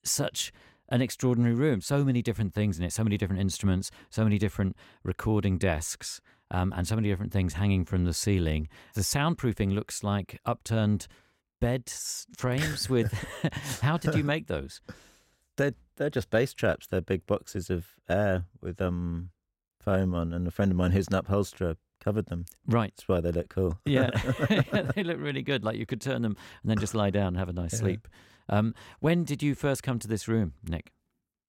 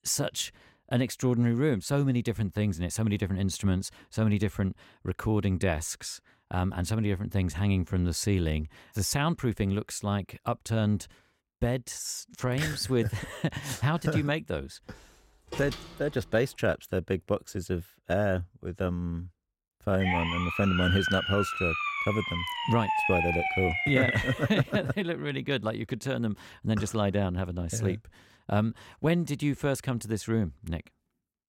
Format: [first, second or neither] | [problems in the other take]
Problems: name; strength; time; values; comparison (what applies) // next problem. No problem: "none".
first | door banging; noticeable; from 15 to 16 s; peak 9 dB below the speech // siren; loud; from 20 to 24 s; peak 3 dB above the speech